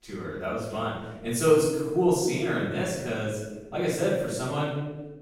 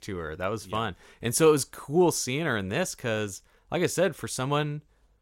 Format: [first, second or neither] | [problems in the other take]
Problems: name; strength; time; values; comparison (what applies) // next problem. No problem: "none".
second | off-mic speech; far // room echo; strong; dies away in 1.1 s